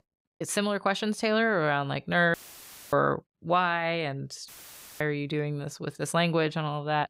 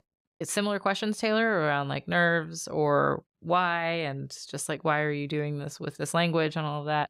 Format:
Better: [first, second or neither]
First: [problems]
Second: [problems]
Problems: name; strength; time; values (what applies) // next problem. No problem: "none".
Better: second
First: audio cutting out; filled with static; at 2.5 s for 0.5 s and at 4.5 s for 0.5 s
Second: none